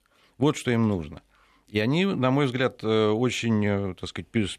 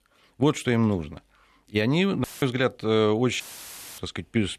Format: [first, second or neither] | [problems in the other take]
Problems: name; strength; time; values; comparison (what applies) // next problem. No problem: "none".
first | audio cutting out; filled with static; at 2 s and at 3.5 s for 0.5 s